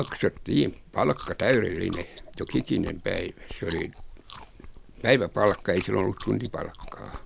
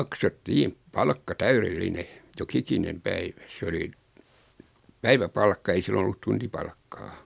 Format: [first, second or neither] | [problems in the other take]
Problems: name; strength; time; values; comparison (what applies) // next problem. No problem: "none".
second | background sound (Chewing, mastication); 15 dB below the speech